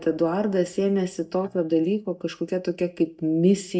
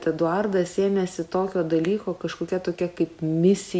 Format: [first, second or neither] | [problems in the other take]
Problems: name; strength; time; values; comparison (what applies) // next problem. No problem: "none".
second | noise reduction (neural mask model DeepFilterNet 3)